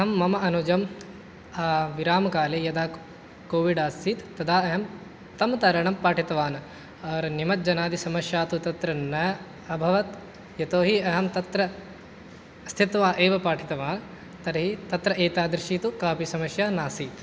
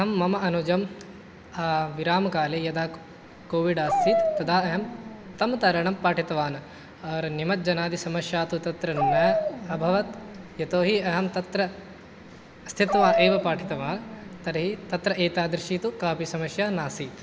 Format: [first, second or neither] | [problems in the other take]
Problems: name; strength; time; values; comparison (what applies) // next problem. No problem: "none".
first | background sound (Dog); 2 dB below the speech